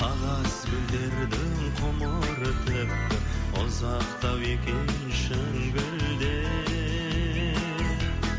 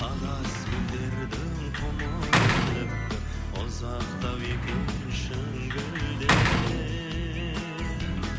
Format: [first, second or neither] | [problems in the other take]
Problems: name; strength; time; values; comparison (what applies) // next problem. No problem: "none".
first | background sound (Sliding door / Slam); as loud as the speech